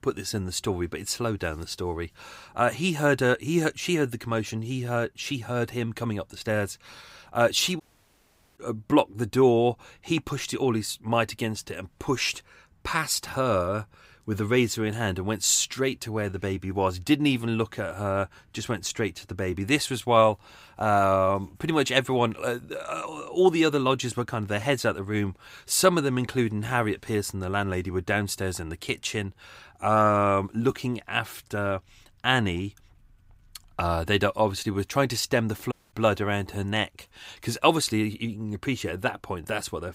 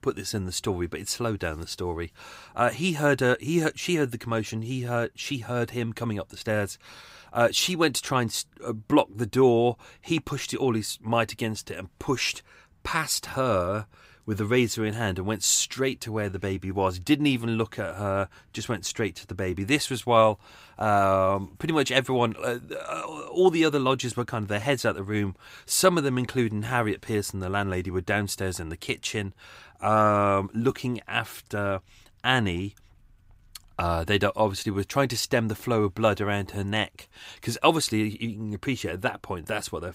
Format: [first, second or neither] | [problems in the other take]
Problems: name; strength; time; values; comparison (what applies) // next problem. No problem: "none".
second | audio cutting out; at 8 s for 1 s and at 36 s